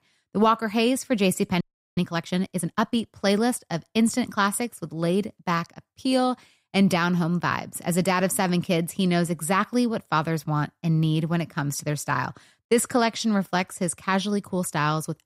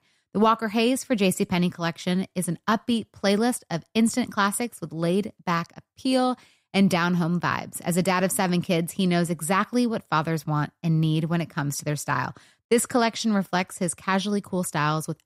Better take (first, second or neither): second